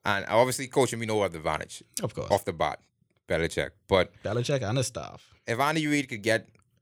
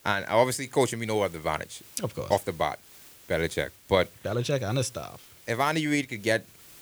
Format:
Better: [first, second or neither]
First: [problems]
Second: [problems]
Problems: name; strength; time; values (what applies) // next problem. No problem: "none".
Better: first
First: none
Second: hiss; faint; throughout; 20 dB below the speech